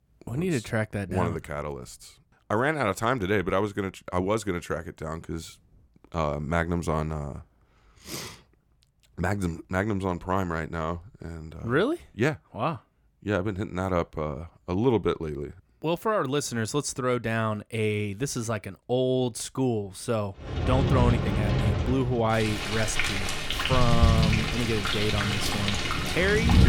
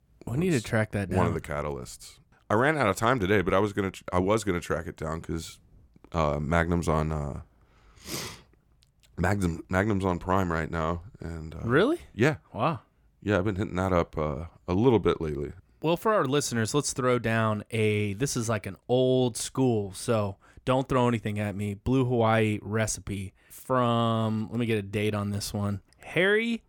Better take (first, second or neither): second